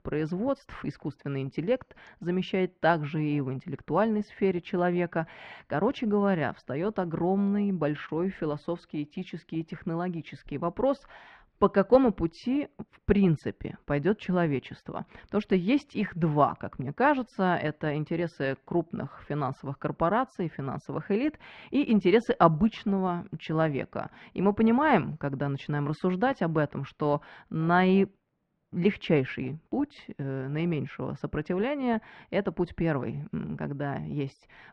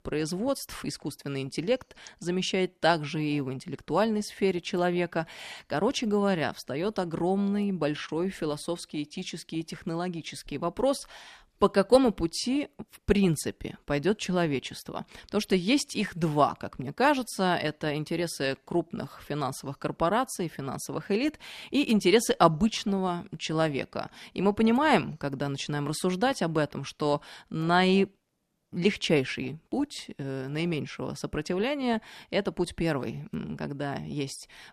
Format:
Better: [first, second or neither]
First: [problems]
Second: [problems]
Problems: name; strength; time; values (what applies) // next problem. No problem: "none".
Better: second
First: muffled; very; fading above 2 kHz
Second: none